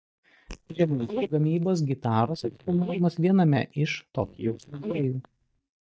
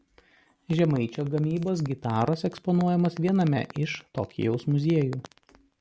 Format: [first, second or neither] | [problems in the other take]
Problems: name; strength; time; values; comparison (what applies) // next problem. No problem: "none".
second | noise reduction (neural mask model DeepFilterNet 3)